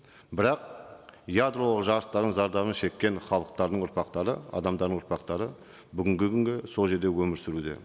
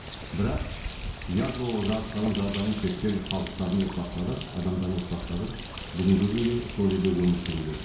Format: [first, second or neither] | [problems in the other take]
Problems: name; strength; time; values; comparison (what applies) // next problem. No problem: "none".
first | background sound (Bird); 9 dB below the speech // room echo; dies away in 0.6 s